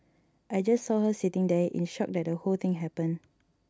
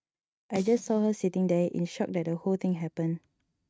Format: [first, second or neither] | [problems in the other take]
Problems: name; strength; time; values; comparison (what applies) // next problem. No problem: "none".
first | noise reduction (neural mask model RNNoise)